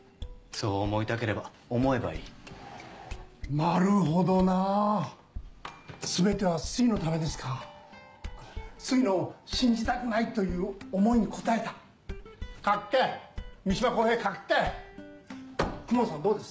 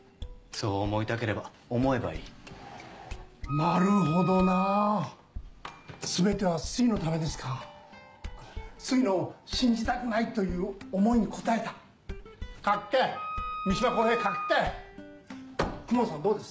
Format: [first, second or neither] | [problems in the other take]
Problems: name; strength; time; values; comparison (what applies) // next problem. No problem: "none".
first | background sound (Wind instrument, woodwind instrument); 7 dB below the speech